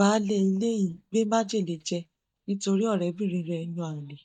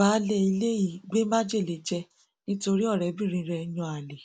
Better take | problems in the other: second | noise reduction (neural mask model DeepFilterNet 3)

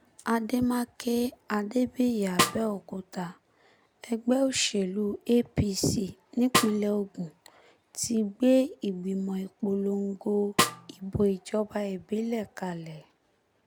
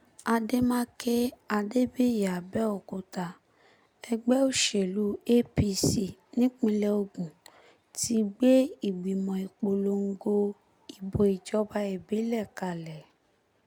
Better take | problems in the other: second | background sound (Snare drum); 3 dB below the speech

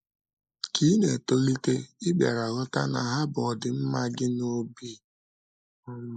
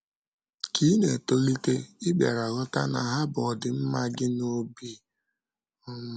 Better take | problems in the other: second | noise reduction (neural mask model Resemble Enhance denoiser)

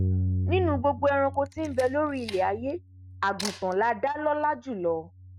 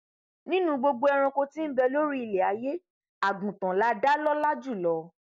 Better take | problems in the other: second | noise reduction (neural mask model RNNoise)

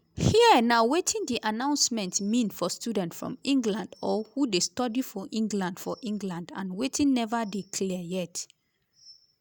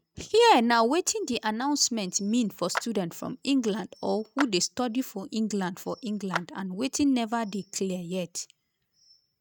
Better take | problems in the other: first | noise reduction (neural mask model RNNoise)

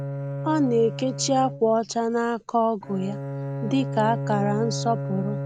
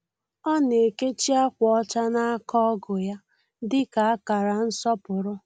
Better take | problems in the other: second | background sound (Bowed string instrument); 6 dB below the speech

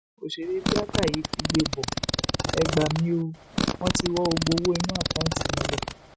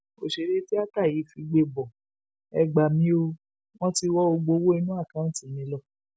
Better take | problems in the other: second | background sound (Fart); as loud as the speech

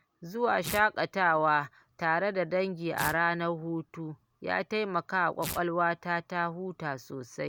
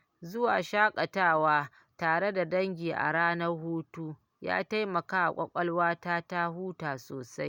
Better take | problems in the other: second | background sound (Tearing); 16 dB below the speech

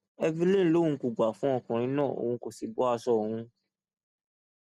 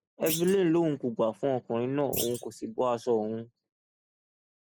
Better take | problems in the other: first | noise reduction (neural mask model Resemble Enhance denoiser)

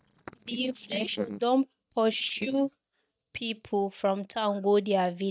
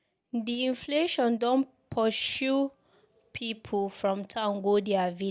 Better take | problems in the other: second | noise reduction (neural mask model DeepFilterNet 3)

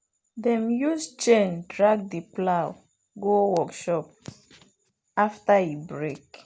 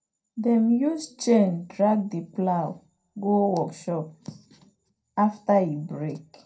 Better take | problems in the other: first | room echo; dies away in 0.2 s

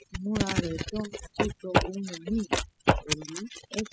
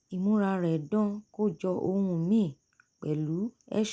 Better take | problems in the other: second | noise reduction (classical method spectral subtraction)

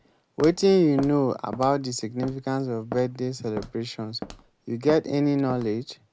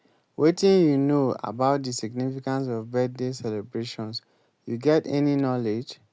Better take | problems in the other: second | background sound (Walk, footsteps); 16 dB below the speech

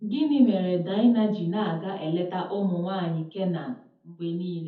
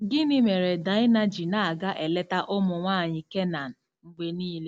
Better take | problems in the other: second | room echo; dies away in 0.5 s

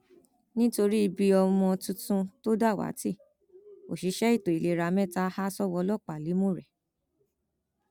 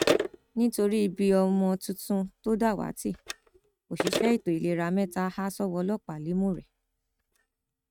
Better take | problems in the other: first | noise reduction (neural mask model RNNoise)

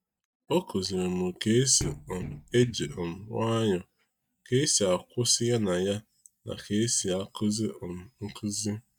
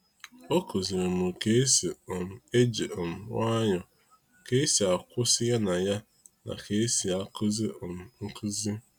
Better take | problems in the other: second | noise reduction (neural mask model DeepFilterNet 3)

